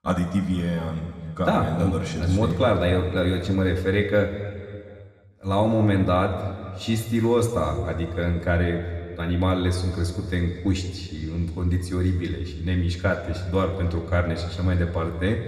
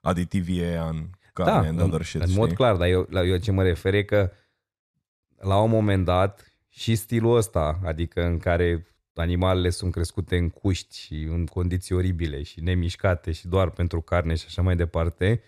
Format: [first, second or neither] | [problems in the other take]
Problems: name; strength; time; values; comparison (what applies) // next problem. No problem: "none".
second | room echo; slight; dies away in 2.1 s // off-mic speech; somewhat distant